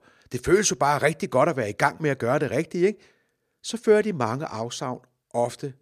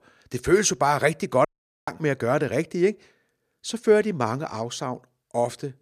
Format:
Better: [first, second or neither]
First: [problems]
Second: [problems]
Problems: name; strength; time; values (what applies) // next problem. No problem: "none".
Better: first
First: none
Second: audio cutting out; at 1.5 s